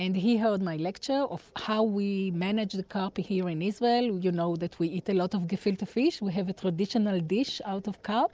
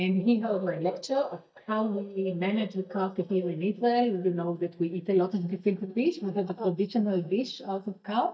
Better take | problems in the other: first | noise reduction (neural mask model DeepFilterNet 3)

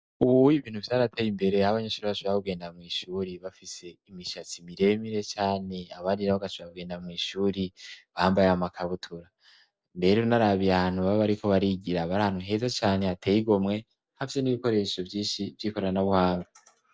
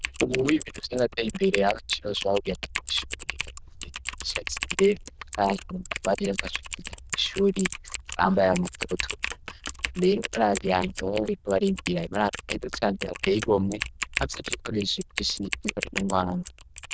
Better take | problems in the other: first | noise reduction (neural diffusion model UNIVERSE++)

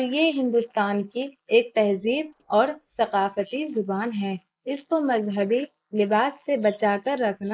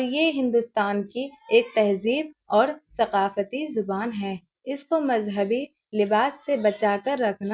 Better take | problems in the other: second | noise reduction (neural mask model Resemble Enhance denoiser)

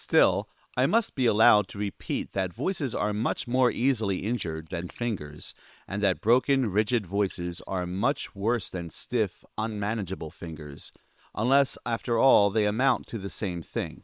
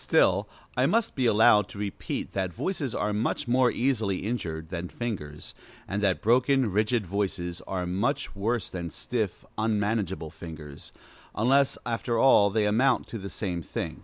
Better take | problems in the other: second | noise reduction (neural separator model SepFormer WHAM!)

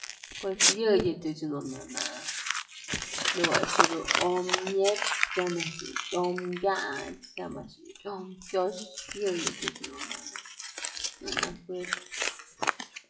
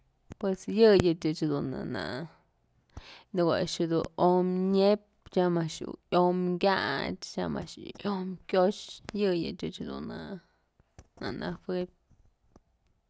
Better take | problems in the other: second | noise reduction (classical method WPE with log-MMSE)

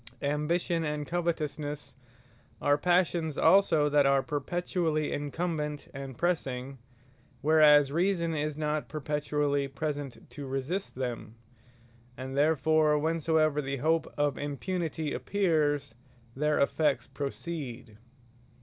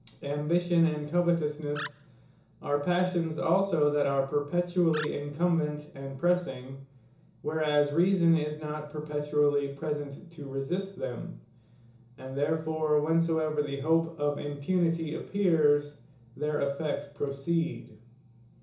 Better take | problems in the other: first | background sound (Animal); 14 dB below the speech // room echo; dies away in 0.7 s

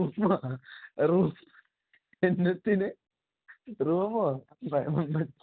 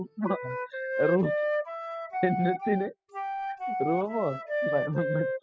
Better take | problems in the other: first | noise reduction (classical method spectral subtraction)

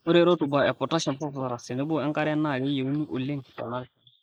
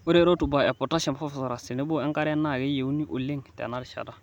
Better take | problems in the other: second | noise reduction (neural mask model Resemble Enhance denoiser)

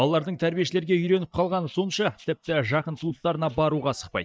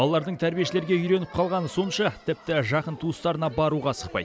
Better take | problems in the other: second | noise reduction (neural mask model DeepFilterNet 3)

